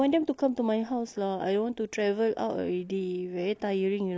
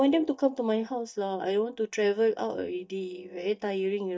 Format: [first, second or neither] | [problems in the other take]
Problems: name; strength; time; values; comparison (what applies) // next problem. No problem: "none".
first | noise reduction (neural mask model DeepFilterNet 3)